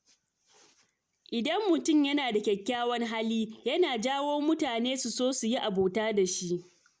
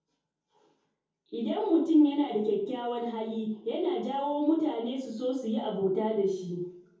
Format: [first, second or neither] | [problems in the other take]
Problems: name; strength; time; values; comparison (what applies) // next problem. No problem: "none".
first | room echo; dies away in 0.6 s